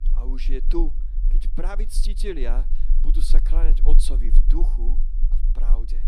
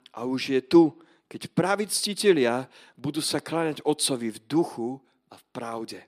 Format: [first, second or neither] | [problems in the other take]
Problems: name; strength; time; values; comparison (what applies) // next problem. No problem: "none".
second | low rumble; noticeable; throughout; 15 dB below the speech